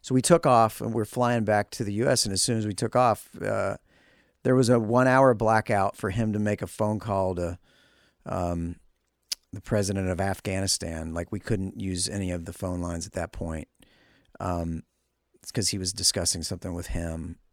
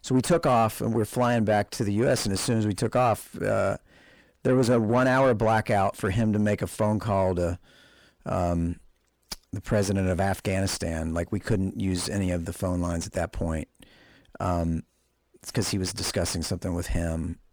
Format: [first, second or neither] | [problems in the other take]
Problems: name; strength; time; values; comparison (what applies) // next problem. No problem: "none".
first | distortion; heavy; 7 dB below the speech